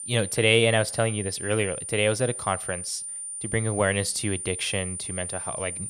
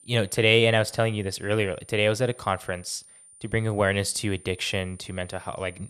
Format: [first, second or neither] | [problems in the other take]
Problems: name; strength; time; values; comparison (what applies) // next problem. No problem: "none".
second | high-pitched whine; loud; throughout; 9 kHz, 6 dB below the speech; faint in the second